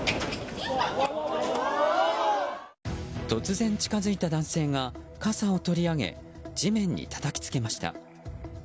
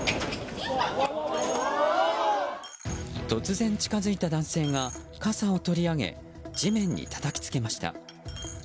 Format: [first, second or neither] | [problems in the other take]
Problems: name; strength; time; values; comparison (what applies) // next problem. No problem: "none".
first | background sound (Coin (dropping)); 19 dB below the speech